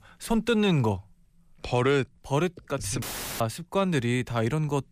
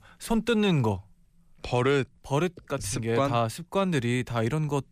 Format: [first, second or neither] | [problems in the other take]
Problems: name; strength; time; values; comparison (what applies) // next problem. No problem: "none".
second | audio cutting out; filled with static; at 3 s